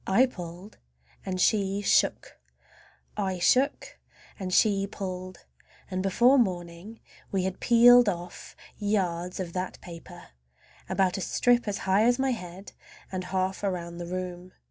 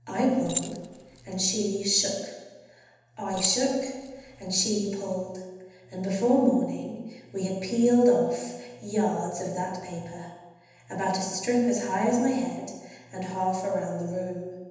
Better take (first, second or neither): first